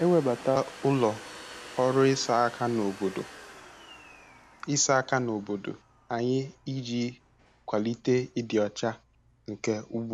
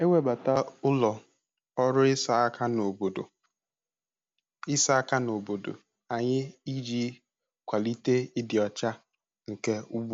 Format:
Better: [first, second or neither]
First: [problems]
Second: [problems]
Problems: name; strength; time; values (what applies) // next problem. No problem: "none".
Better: second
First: background sound (Domestic sounds, home sounds); 19 dB below the speech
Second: none